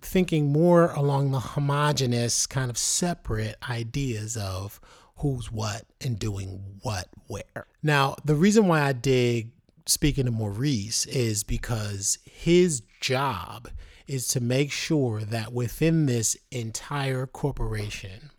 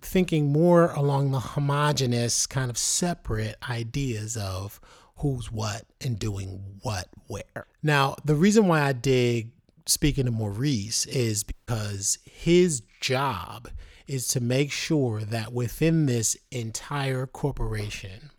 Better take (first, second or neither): first